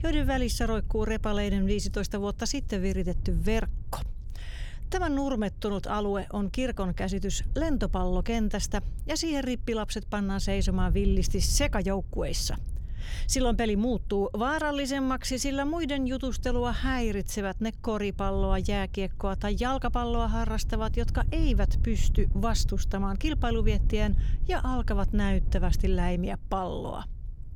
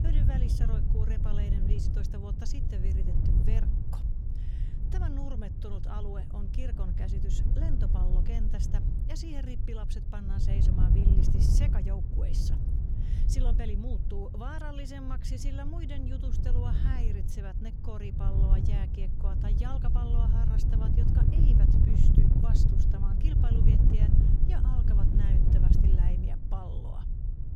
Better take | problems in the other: first | wind noise on the microphone; heavy; 2 dB above the speech; occasional gusts in the first

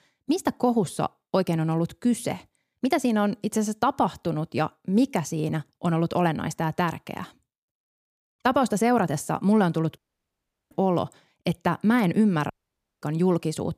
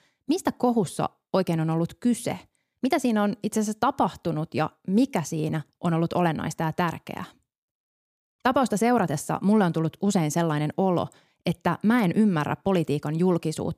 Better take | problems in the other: second | audio cutting out; at 10 s for 0.5 s and at 13 s for 0.5 s

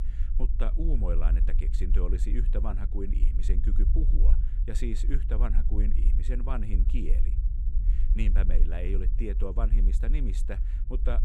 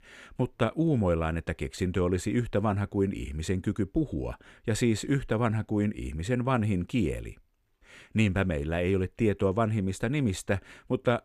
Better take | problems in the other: second | low rumble; loud; throughout; 9 dB below the speech

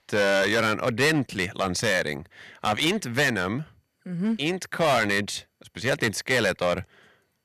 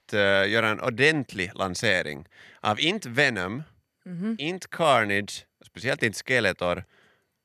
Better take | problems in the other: second | distortion; heavy; 8% of the sound clipped

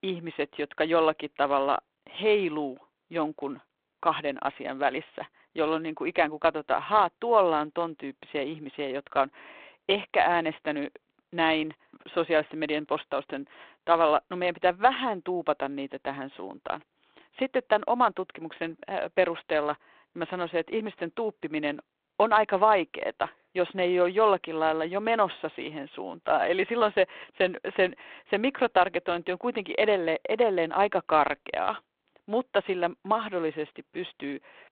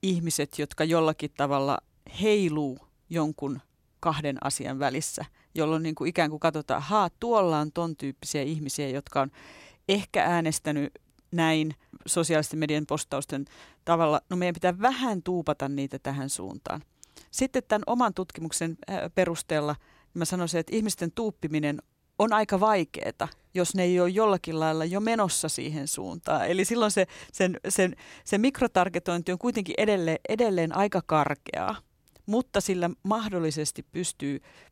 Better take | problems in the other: second | phone-call audio; nothing above 3.5 kHz

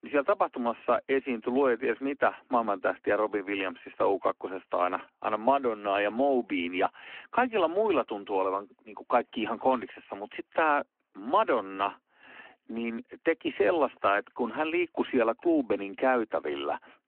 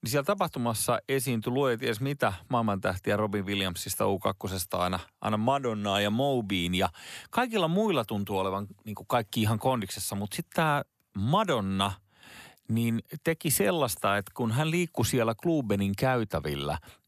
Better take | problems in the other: second | phone-call audio

